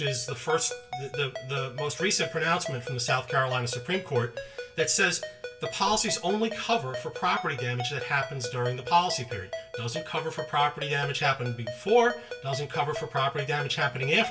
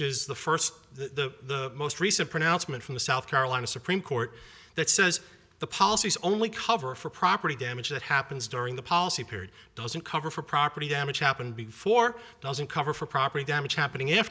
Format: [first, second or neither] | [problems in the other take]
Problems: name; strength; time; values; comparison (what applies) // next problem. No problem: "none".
second | background sound (Ringtone); 10 dB below the speech // room echo; dies away in 0.2 s